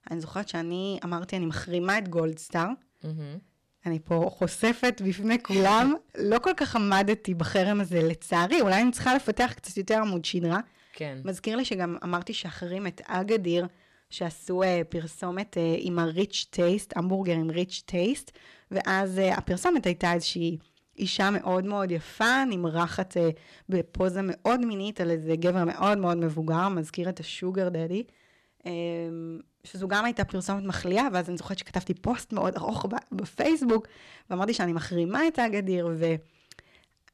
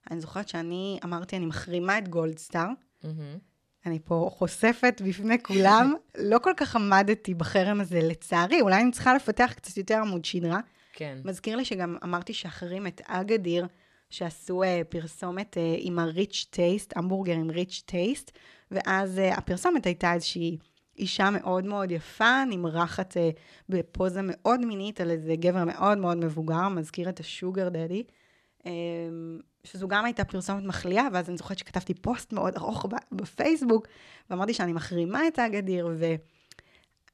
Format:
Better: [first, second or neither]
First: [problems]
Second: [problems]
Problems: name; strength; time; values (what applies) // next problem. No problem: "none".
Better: second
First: distortion; slight; 3% of the sound clipped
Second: none